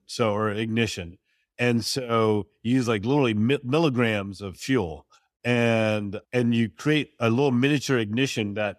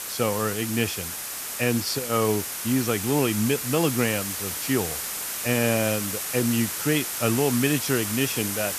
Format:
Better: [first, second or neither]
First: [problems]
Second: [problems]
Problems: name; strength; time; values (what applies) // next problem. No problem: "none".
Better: first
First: none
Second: hiss; loud; throughout; 3 dB below the speech